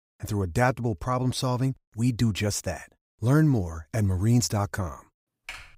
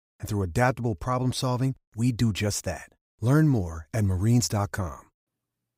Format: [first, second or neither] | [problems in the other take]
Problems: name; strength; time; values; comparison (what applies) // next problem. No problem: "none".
second | keyboard typing; faint; at 5.5 s; peak 15 dB below the speech